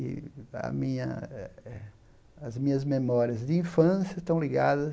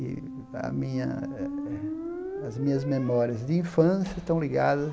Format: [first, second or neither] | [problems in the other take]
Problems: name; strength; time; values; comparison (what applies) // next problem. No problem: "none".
first | background sound (Squeak); 9 dB below the speech